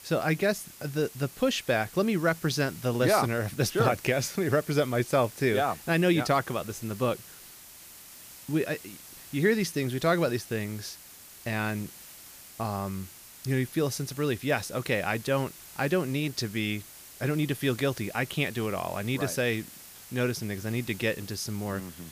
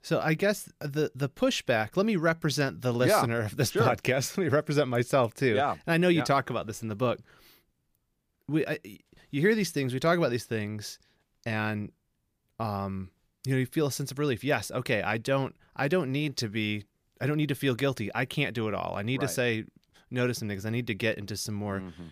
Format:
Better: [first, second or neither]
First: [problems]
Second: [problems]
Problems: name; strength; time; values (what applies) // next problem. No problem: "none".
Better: second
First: hiss; noticeable; throughout; 15 dB below the speech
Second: none